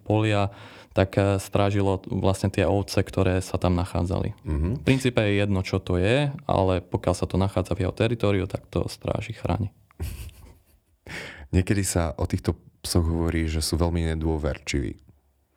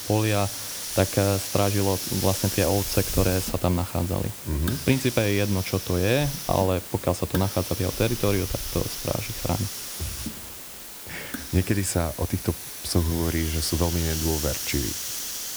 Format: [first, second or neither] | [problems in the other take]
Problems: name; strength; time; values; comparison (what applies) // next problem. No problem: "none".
first | hiss; loud; throughout; 5 dB below the speech